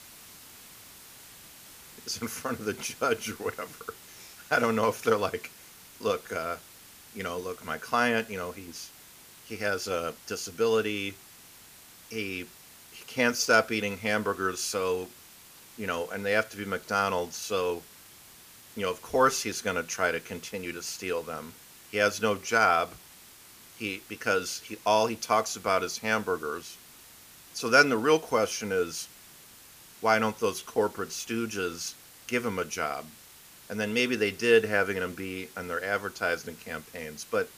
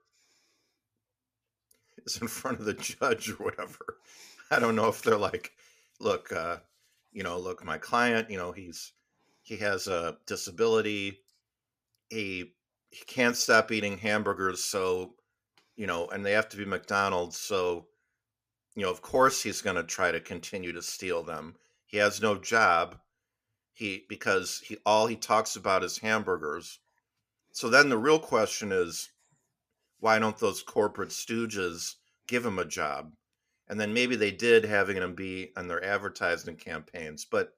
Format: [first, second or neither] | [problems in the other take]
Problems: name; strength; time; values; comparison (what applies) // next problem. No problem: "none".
second | hiss; noticeable; throughout; 20 dB below the speech